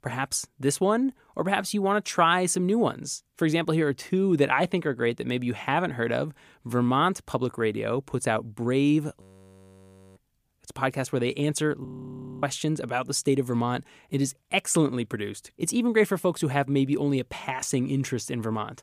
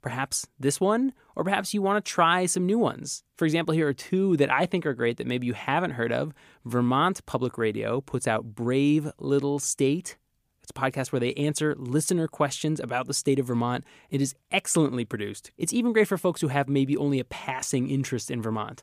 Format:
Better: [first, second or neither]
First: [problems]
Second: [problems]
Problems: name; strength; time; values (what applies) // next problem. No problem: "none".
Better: second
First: audio freezing; at 9 s for 1 s and at 12 s for 0.5 s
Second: none